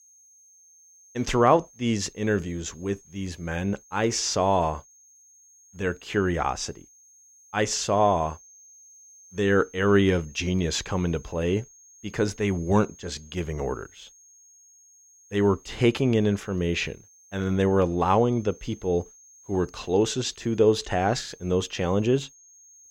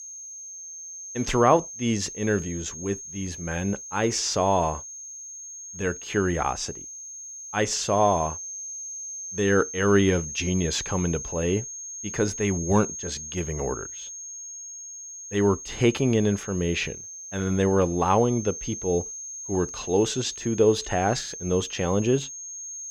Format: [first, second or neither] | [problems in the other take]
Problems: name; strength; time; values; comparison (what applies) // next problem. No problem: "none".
first | high-pitched whine; loud; throughout; 6.5 kHz, 10 dB below the speech; faint in the first